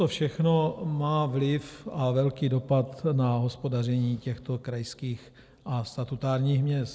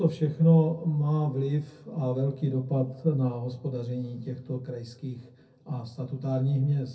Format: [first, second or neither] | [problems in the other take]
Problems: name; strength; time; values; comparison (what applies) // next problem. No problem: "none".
first | room echo; dies away in 0.3 s